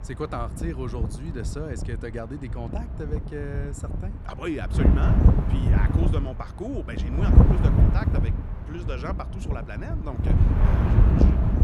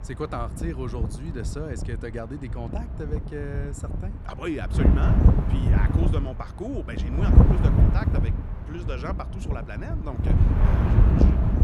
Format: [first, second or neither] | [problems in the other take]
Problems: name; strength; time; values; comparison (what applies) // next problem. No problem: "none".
neither | wind noise on the microphone; heavy; 2 dB above the speech; the same in both